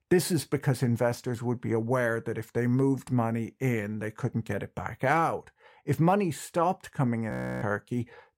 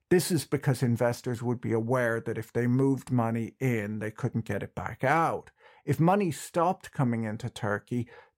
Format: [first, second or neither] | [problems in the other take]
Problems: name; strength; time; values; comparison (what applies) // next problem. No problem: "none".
second | audio freezing; at 7.5 s